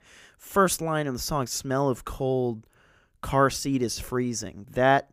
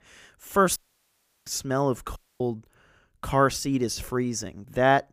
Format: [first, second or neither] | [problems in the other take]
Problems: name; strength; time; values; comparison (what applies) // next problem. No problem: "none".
first | audio cutting out; at 1 s for 0.5 s and at 2 s